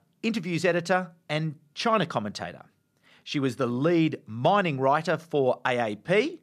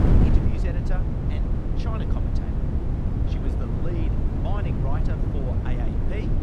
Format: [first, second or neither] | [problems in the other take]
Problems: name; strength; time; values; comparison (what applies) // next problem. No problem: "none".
first | wind noise on the microphone; heavy; 4 dB above the speech